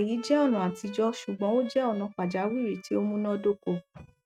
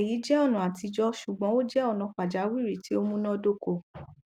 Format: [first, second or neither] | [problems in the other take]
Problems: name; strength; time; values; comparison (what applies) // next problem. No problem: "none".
second | noise reduction (neural mask model RNNoise)